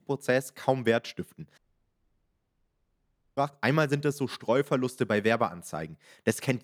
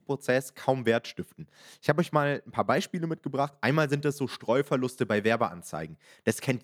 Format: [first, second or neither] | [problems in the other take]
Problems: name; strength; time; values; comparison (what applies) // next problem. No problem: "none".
second | audio cutting out; at 1.5 s for 2 s